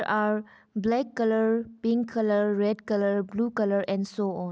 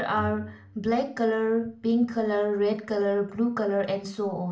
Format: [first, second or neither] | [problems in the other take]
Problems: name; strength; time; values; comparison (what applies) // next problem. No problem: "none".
first | background sound (Bowed string instrument); 18 dB below the speech // room echo; dies away in 0.4 s